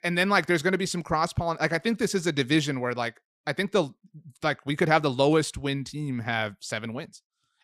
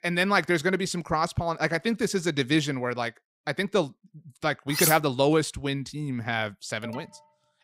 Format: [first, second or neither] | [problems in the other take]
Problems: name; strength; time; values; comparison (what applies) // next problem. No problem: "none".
first | clattering dishes; loud; at 4.5 s; peak 2 dB above the speech // alarm; faint; at 7 s; peak 15 dB below the speech